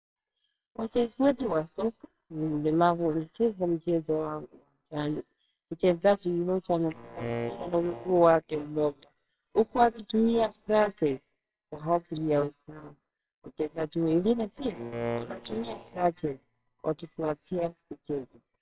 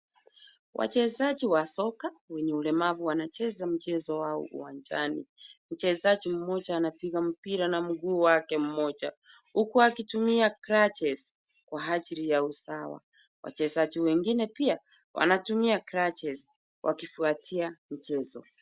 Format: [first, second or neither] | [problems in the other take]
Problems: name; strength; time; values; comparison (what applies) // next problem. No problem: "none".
second | noise reduction (neural separator model SepFormer WHAMR!)